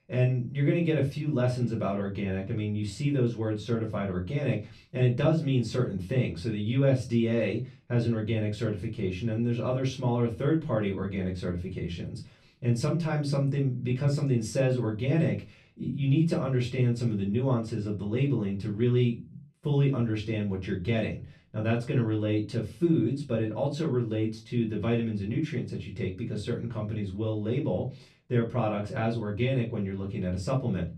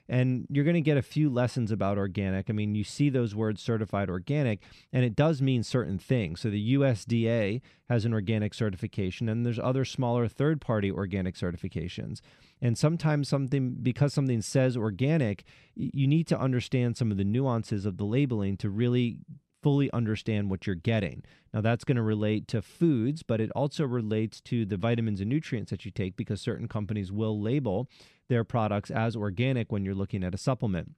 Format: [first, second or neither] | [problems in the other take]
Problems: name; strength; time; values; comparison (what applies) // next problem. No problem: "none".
second | off-mic speech; far // room echo; very slight; dies away in 0.2 s